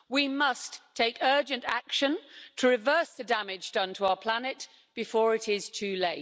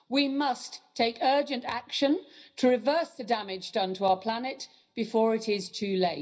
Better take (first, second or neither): first